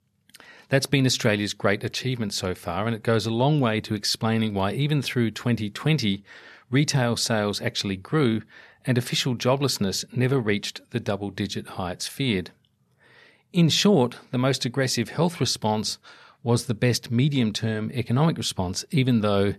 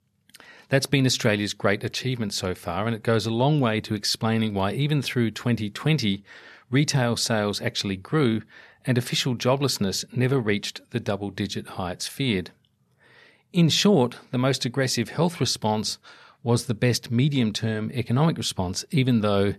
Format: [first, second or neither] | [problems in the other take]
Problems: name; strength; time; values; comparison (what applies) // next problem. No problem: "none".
neither | none